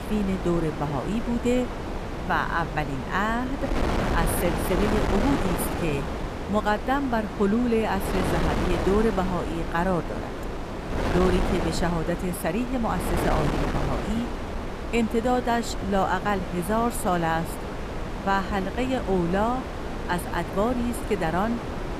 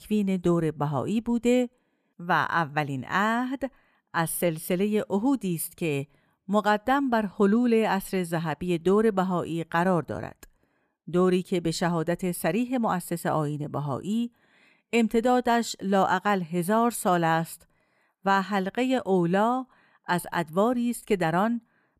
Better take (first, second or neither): second